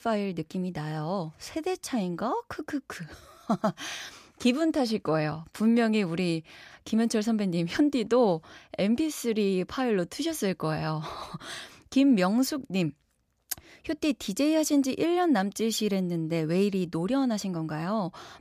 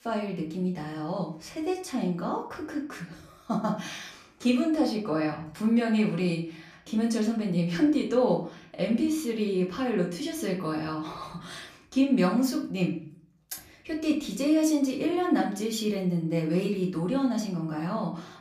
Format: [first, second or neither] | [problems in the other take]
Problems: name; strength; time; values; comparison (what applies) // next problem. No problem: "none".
first | off-mic speech; far // room echo; slight; dies away in 0.4 s